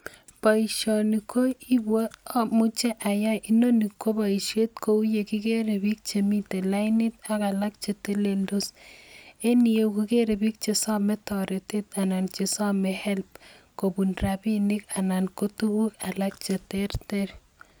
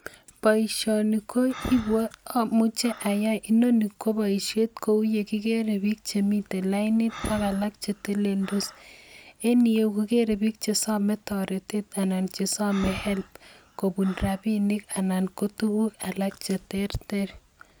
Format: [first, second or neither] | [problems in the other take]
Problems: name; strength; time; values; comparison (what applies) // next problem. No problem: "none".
first | background sound (Breathing); 19 dB below the speech